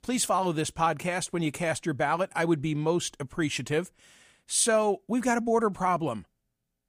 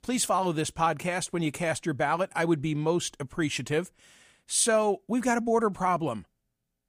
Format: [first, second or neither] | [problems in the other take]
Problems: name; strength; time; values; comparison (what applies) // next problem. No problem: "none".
neither | none